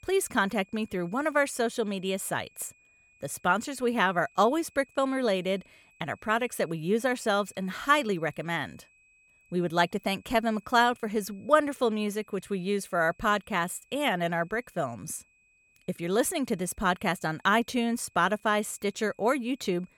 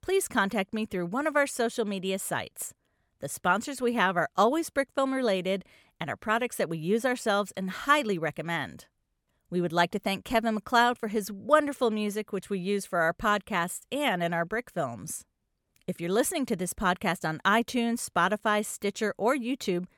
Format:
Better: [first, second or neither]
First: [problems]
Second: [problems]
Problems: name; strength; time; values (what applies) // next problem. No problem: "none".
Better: second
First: high-pitched whine; faint; throughout; 2.5 kHz, 35 dB below the speech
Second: none